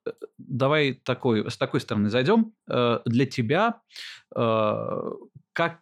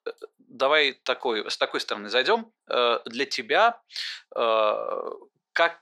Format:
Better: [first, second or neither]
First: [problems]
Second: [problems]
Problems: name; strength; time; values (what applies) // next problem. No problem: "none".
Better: first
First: none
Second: thin; very; fading below 400 Hz